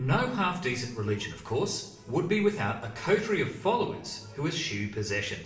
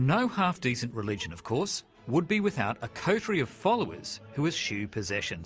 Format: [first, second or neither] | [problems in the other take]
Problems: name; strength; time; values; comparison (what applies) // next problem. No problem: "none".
second | room echo; dies away in 0.9 s